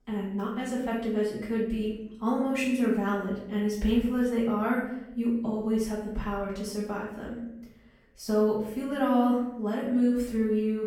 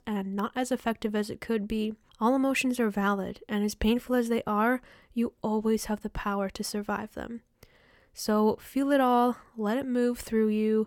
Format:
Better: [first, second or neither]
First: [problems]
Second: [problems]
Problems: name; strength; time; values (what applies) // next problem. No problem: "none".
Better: second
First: off-mic speech; far // room echo; noticeable; dies away in 0.8 s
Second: none